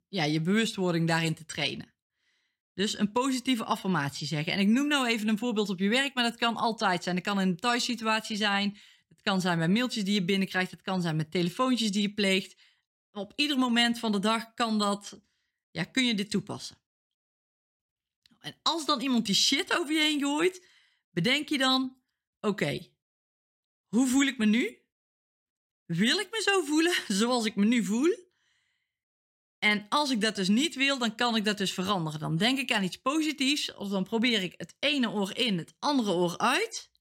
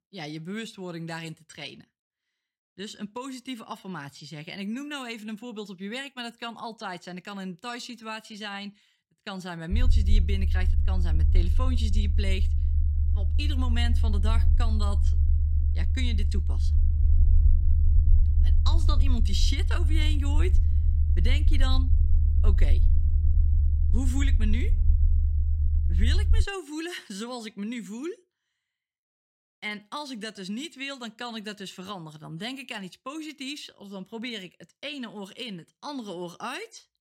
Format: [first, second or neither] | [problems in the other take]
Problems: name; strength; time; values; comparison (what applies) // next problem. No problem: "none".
first | low rumble; loud; from 9.5 to 26 s; 8 dB below the speech